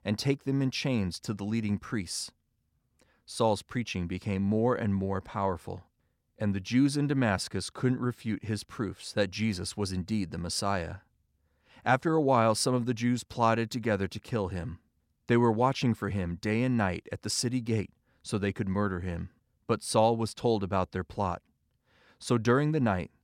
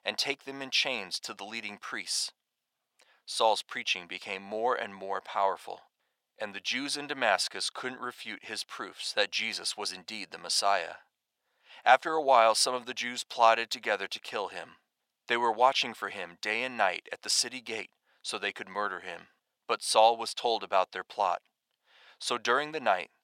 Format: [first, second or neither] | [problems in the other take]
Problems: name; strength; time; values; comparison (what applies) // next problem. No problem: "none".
first | thin; very; fading below 700 Hz